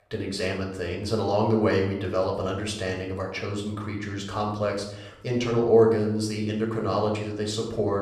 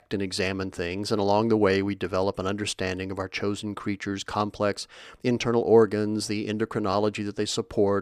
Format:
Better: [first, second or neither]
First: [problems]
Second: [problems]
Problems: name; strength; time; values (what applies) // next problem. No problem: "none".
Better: second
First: off-mic speech; somewhat distant // room echo; noticeable; dies away in 0.7 s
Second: none